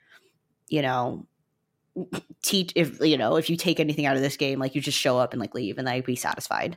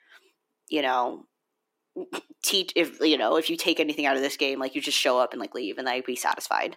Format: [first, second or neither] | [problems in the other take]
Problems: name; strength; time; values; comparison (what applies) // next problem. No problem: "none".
first | thin; very slightly; fading below 300 Hz